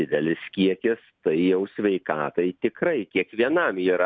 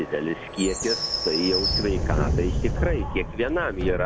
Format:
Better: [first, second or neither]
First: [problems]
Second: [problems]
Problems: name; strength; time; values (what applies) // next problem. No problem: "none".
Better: first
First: none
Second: background sound (Subway, metro, underground + Bird vocalization, bird call, bird song); as loud as the speech